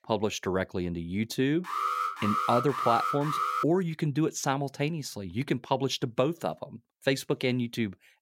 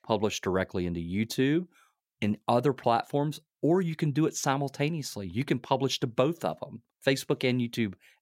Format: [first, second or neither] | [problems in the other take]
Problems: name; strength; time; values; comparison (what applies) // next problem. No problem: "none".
second | alarm; loud; from 1.5 to 3.5 s; peak 1 dB above the speech